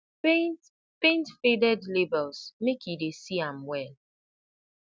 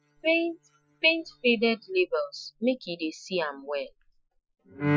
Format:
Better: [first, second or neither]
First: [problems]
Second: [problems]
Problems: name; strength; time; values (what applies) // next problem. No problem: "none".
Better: first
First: none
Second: noise reduction (classical method Wiener filter)